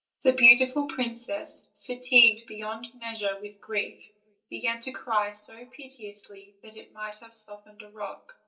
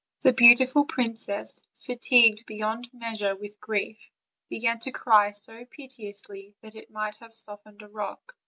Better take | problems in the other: second | room echo; dies away in 0.2 s

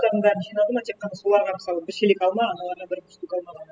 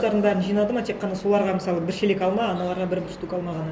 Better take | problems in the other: second | noise reduction (classical method spectral subtraction)

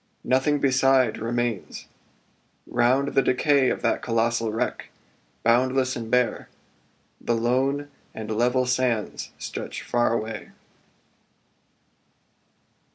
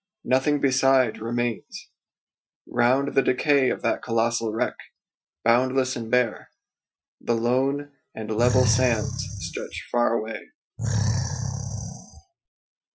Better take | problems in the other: first | noise reduction (classical method Wiener filter)

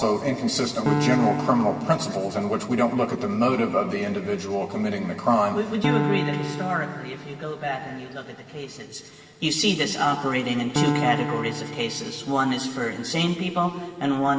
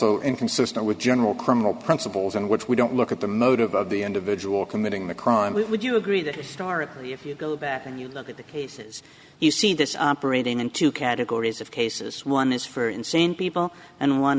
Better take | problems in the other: second | background sound (Piano); 6 dB below the speech // room echo; dies away in 2.5 s

